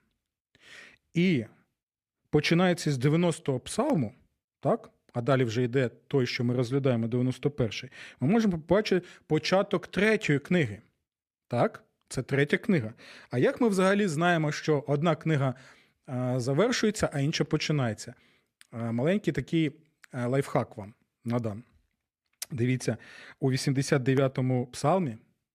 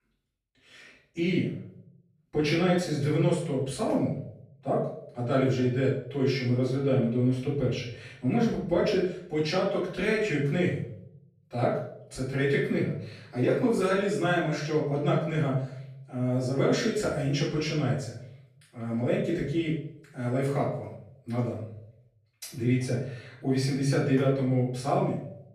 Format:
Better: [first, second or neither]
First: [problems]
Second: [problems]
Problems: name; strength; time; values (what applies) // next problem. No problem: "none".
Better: first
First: none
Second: off-mic speech; far // room echo; noticeable; dies away in 0.6 s